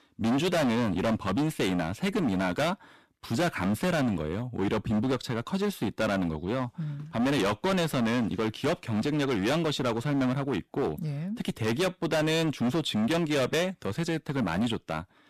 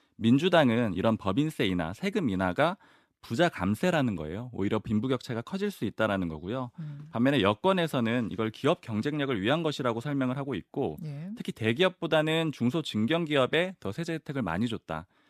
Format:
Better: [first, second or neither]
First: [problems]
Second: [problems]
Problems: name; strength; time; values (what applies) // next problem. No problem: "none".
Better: second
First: distortion; heavy; 20% of the sound clipped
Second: none